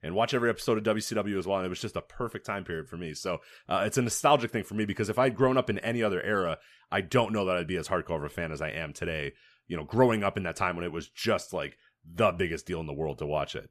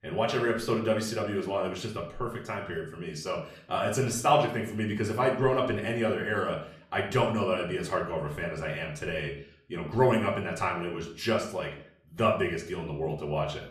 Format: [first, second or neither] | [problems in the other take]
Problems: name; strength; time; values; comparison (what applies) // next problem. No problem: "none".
first | room echo; slight; dies away in 0.5 s // off-mic speech; far